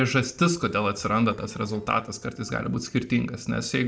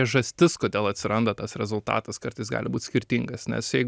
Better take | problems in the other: second | noise reduction (neural separator model SepFormer DNS4)

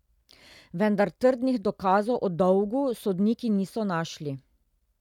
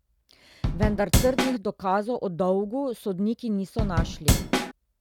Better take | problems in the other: first | background sound (Drum / Drum kit); 4 dB above the speech

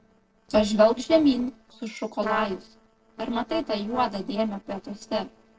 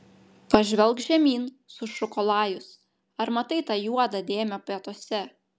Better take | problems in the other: second | noise reduction (neural separator model SepFormer DNS4)

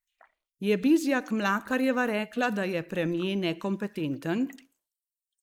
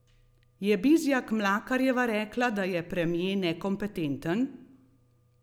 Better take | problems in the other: second | noise reduction (neural mask model Resemble Enhance denoiser)

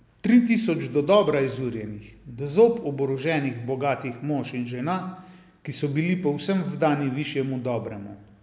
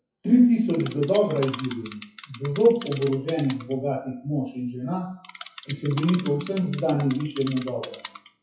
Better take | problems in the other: first | noise reduction (classical method WPE with log-MMSE)

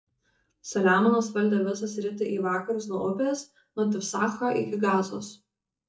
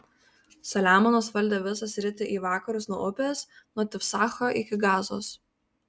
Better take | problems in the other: second | noise reduction (neural mask model DeepFilterNet 3)

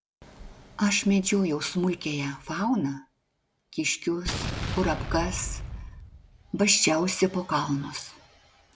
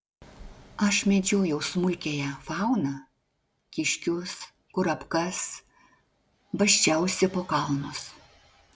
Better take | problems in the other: second | background sound (Explosion); 6 dB below the speech

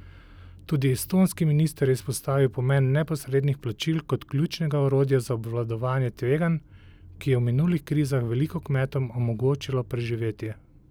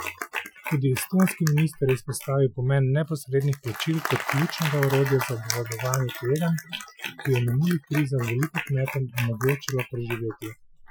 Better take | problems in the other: first | noise reduction (classical method Wiener filter)

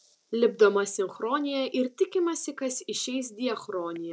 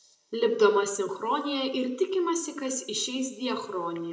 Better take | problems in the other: first | room echo; dies away in 0.7 s

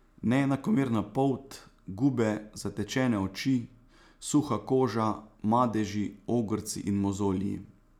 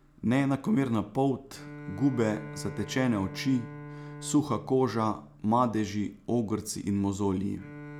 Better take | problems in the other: first | background sound (Bowed string instrument); 16 dB below the speech

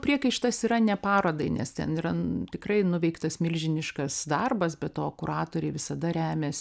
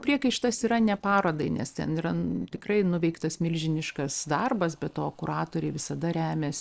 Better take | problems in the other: first | noise reduction (neural separator model SepFormer DNS4)

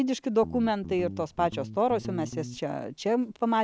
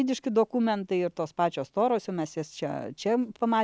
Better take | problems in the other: second | background sound (Guitar); 11 dB below the speech

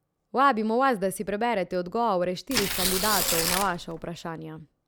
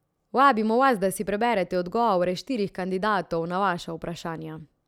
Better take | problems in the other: second | background sound (Tearing); 1 dB below the speech

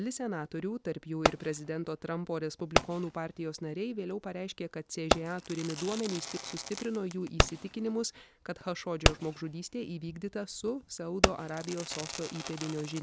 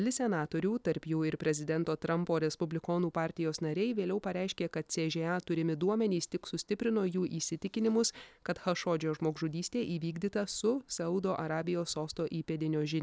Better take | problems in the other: second | background sound (Fireworks); as loud as the speech

